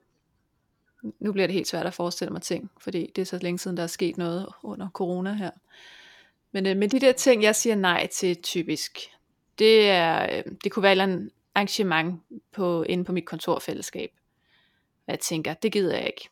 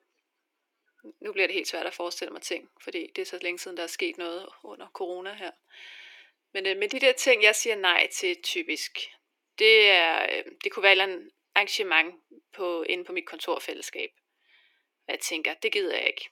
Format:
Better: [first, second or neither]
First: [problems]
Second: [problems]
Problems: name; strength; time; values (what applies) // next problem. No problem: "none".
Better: first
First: none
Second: thin; very; fading below 300 Hz